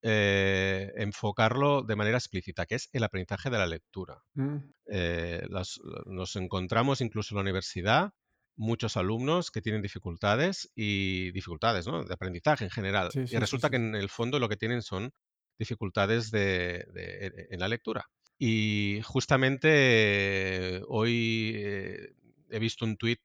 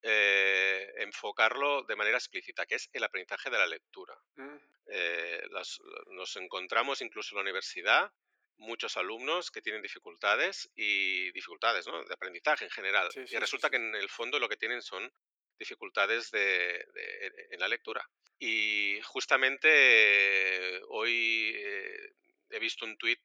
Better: first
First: none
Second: thin; very; fading below 350 Hz

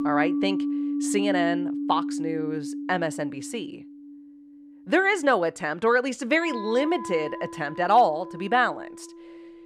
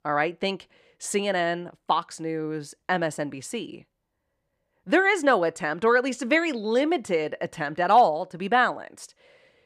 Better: second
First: background music; loud; throughout; 6 dB below the speech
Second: none

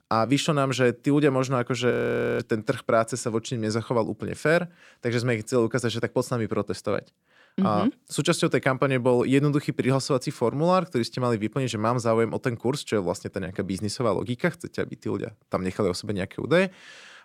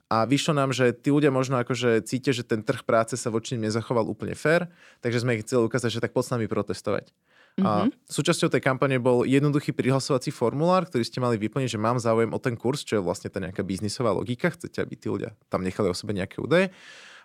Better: second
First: audio freezing; at 2 s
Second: none

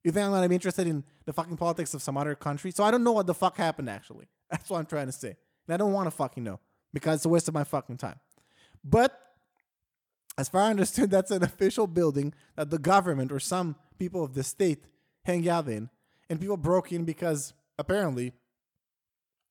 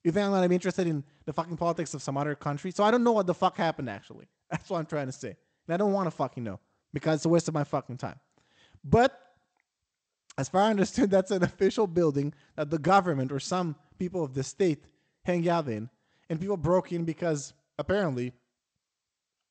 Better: first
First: none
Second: garbled, watery; slightly; nothing above 8 kHz

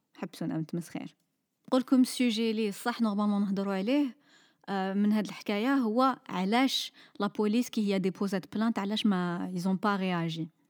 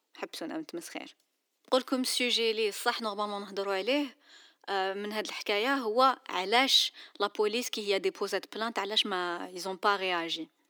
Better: first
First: none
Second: thin; somewhat; fading below 350 Hz

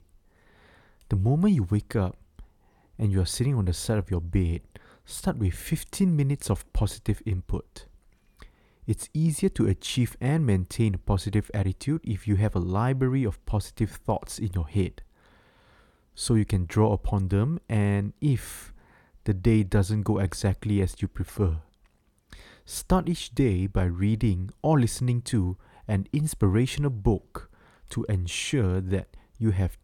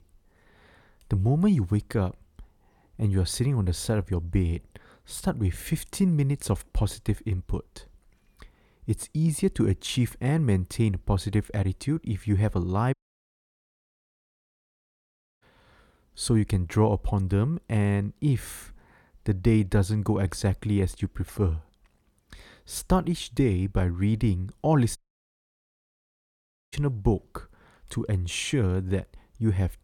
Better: first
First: none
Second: audio cutting out; at 13 s for 2.5 s and at 25 s for 2 s

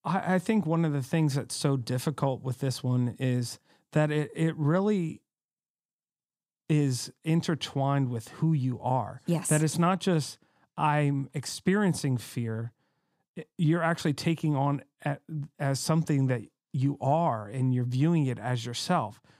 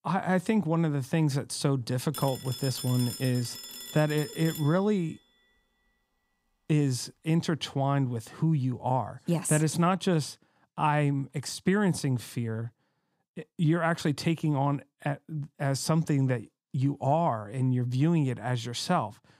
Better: first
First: none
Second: phone ringing; noticeable; from 2 to 5 s; peak 8 dB below the speech

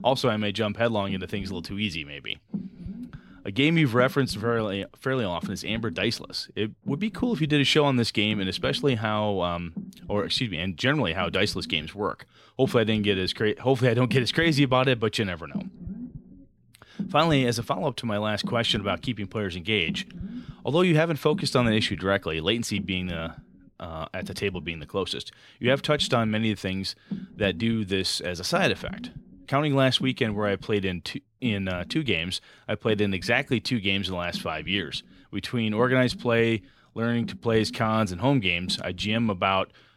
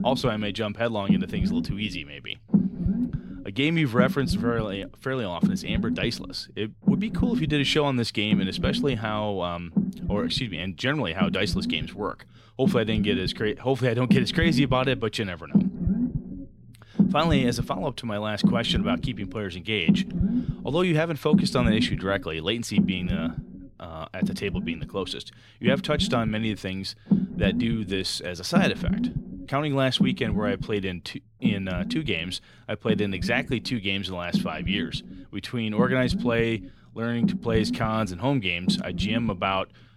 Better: first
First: low rumble; faint; throughout; 20 dB below the speech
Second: low rumble; loud; throughout; 7 dB below the speech

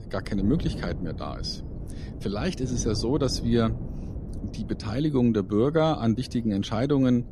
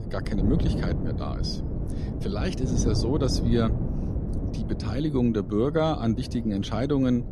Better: first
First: wind noise on the microphone; occasional gusts; 15 dB below the speech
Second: wind noise on the microphone; heavy; 8 dB below the speech

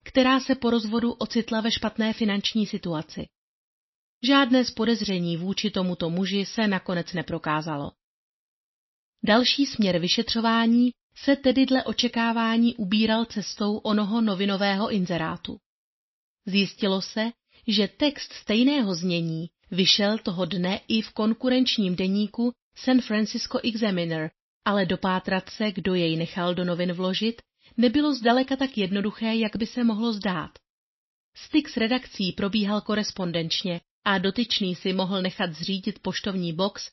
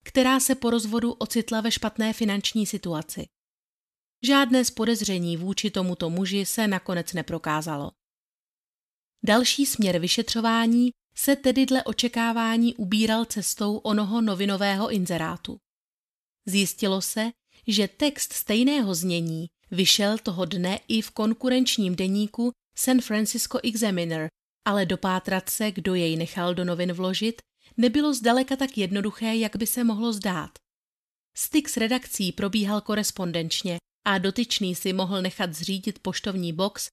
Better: second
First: garbled, watery; slightly; nothing above 5.5 kHz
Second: none

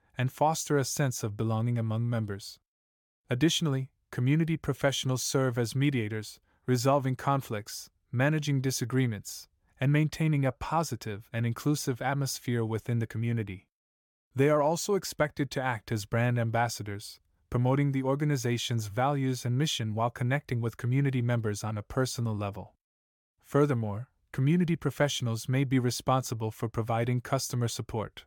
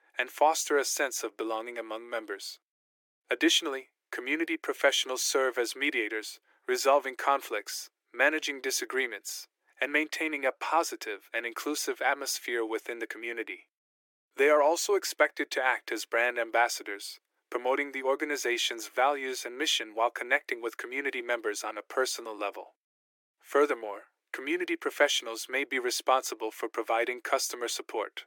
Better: first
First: none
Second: thin; very; fading below 350 Hz

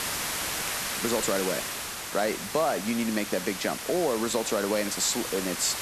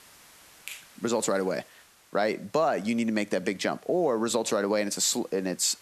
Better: second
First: hiss; loud; throughout; 3 dB below the speech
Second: hiss; faint; throughout; 25 dB below the speech

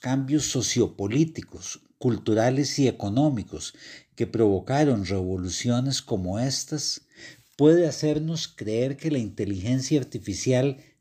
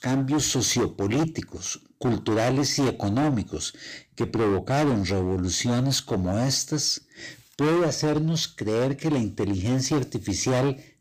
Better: first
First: none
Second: distortion; heavy; 18% of the sound clipped

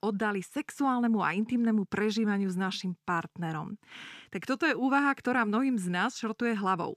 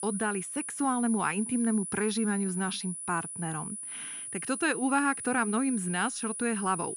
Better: first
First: none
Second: high-pitched whine; loud; throughout; 10 kHz, 6 dB below the speech

